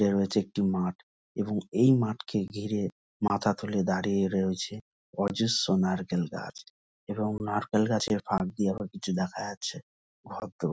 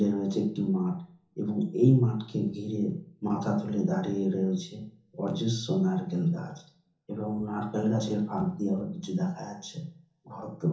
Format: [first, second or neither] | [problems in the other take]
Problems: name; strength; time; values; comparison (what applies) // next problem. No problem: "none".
first | room echo; dies away in 0.7 s